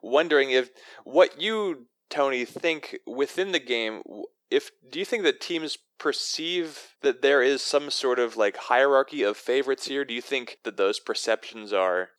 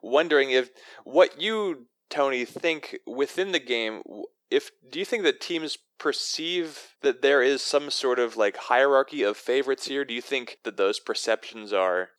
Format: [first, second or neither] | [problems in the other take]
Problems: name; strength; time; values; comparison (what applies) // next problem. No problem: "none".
neither | thin; very; fading below 350 Hz; the same in both